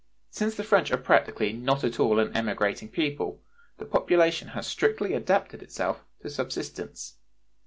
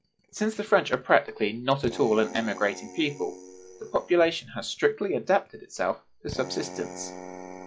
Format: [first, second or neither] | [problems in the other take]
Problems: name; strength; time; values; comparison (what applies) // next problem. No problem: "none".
first | noise reduction (classical method log-MMSE)